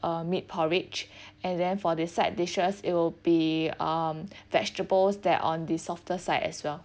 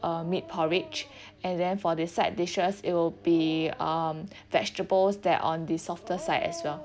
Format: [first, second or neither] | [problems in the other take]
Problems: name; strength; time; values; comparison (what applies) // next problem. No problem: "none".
first | background sound (Dog); 18 dB below the speech